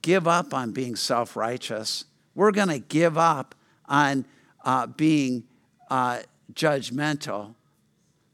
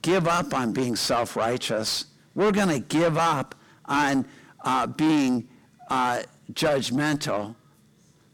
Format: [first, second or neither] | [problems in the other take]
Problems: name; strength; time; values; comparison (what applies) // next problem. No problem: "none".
first | distortion; heavy; 6 dB below the speech